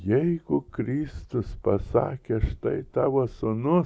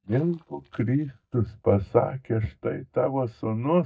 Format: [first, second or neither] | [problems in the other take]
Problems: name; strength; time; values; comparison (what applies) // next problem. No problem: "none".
first | noise reduction (neural mask model DeepFilterNet 3)